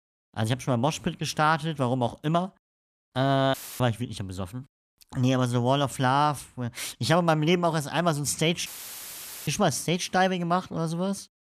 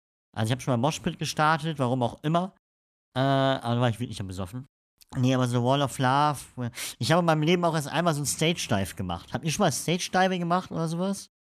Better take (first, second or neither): second